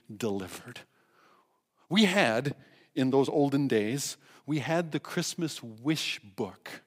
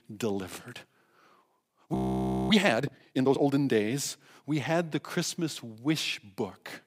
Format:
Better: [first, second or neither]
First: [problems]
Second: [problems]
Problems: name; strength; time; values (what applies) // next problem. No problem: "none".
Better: first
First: none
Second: audio freezing; at 2 s for 0.5 s